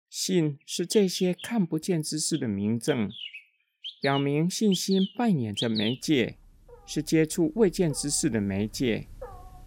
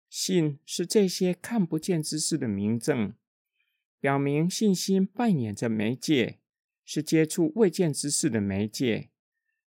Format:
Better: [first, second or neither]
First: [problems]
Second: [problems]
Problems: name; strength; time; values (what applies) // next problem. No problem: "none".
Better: second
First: animal sounds; noticeable; throughout; 10 dB below the speech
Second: none